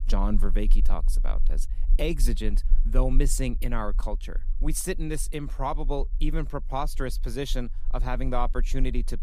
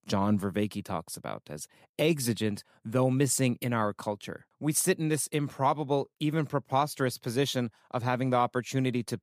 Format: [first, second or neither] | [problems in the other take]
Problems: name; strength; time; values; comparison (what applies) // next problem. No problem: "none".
second | low rumble; faint; throughout; 25 dB below the speech